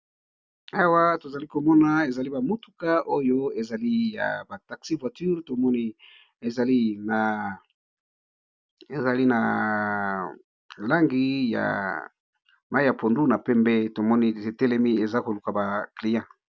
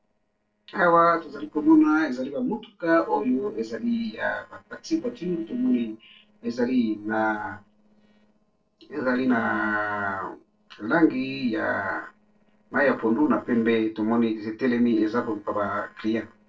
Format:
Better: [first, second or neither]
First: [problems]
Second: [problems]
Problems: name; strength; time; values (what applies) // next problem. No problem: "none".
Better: first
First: none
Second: noise reduction (neural separator model SepFormer DNS4)